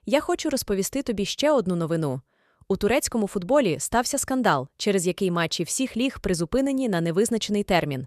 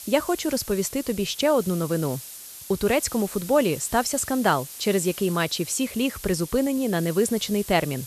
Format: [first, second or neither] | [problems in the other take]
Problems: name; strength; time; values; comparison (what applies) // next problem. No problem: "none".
first | hiss; noticeable; throughout; 15 dB below the speech